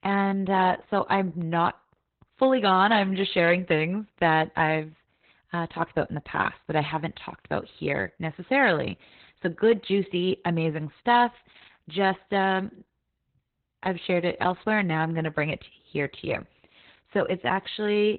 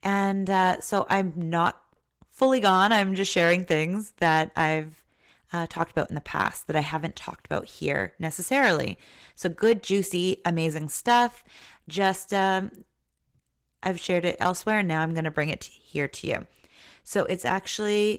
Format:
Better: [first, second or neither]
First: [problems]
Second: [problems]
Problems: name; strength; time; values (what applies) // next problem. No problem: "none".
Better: second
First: garbled, watery; badly; nothing above 4 kHz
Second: garbled, watery; slightly; nothing above 17.5 kHz